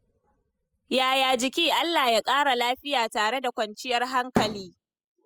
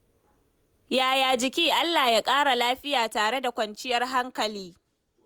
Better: second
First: noise reduction (classical method spectral subtraction)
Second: none

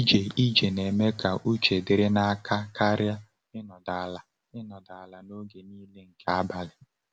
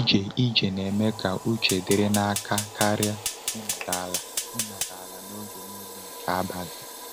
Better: first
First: none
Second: background sound (Fire); 7 dB below the speech

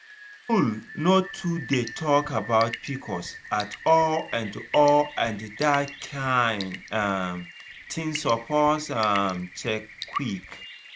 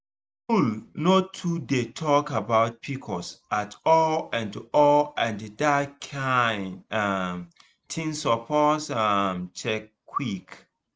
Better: second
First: background sound (Drip / Sink (filling or washing) / Water tap, faucet / Water + Rain); 15 dB below the speech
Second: none

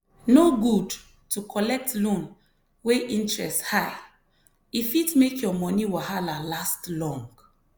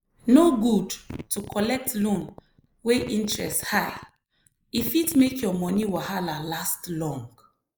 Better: first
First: none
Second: noise reduction (neural mask model Resemble Enhance denoiser)

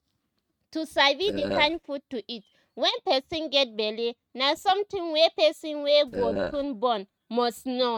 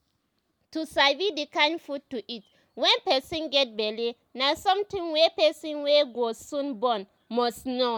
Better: second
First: noise reduction (neural mask model RNNoise)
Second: none

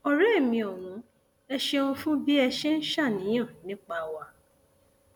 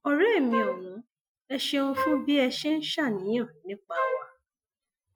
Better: first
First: none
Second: noise reduction (classical method Wiener filter)

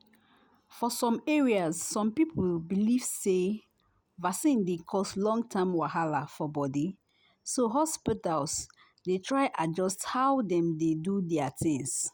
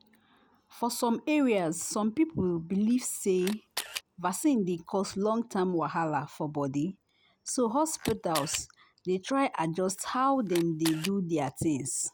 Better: first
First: none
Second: background sound (Camera); 12 dB below the speech

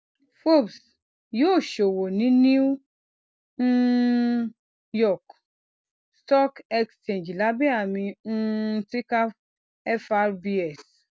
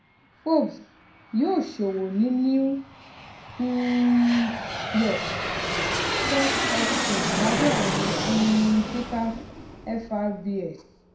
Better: first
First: none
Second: background sound (Aircraft); 4 dB below the speech // room echo; dies away in 0.4 s

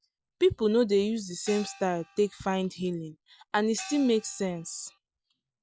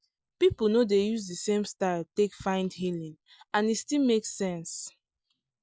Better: second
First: background sound (Gong); 18 dB below the speech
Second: none

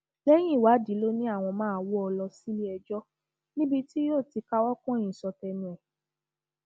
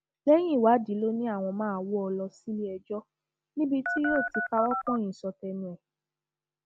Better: first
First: none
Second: background sound (Telephone); 2 dB below the speech

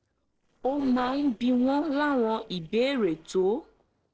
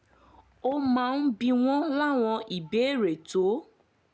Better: second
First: noise reduction (neural separator model SepFormer DNS4)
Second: none

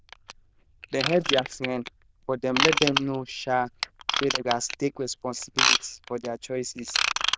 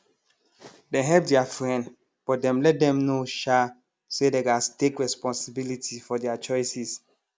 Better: second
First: noise reduction (neural diffusion model UNIVERSE++)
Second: none

